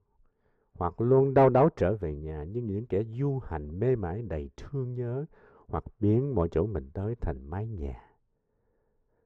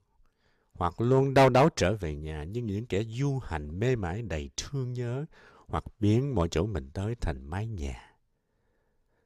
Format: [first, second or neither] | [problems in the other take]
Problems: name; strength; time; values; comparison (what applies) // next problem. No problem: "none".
second | muffled; very; fading above 2.5 kHz